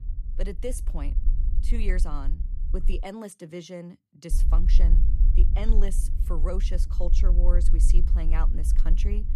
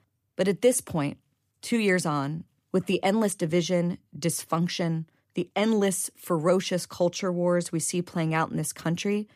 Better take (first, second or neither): second